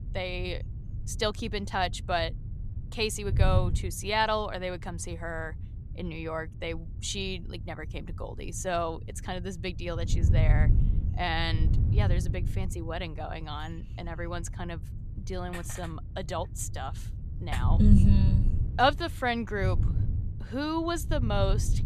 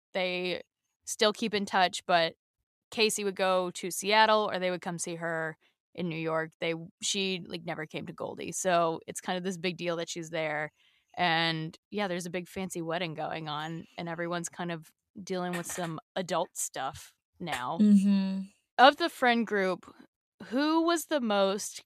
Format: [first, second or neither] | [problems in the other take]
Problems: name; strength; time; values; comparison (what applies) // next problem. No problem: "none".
second | wind noise on the microphone; occasional gusts; 15 dB below the speech